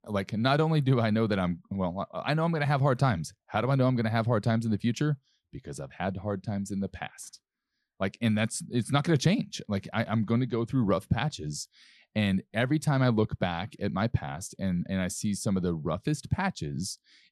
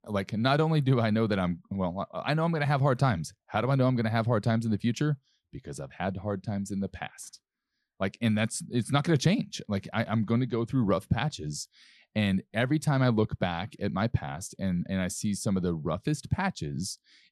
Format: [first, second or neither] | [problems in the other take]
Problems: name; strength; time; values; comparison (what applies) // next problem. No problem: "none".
neither | none